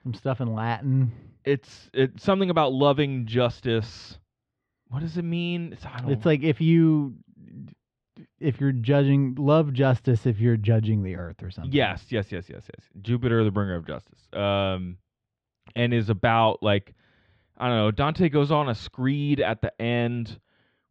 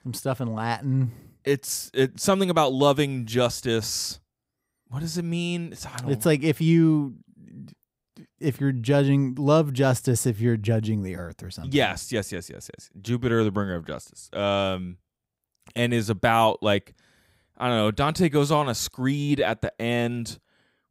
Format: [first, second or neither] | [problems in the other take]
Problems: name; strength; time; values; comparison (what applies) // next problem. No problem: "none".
second | muffled; slightly; fading above 3.5 kHz